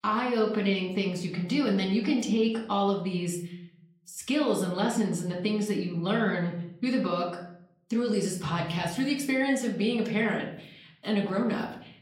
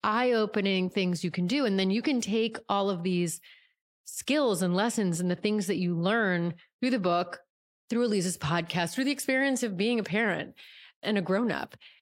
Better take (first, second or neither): second